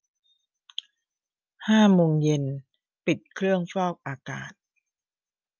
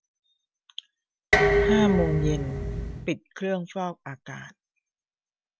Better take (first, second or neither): first